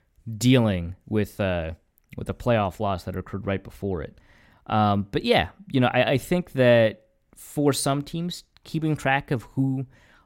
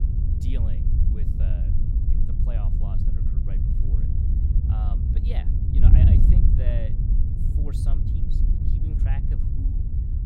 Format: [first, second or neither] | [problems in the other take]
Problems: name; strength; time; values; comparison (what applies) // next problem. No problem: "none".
first | wind noise on the microphone; heavy; 5 dB above the speech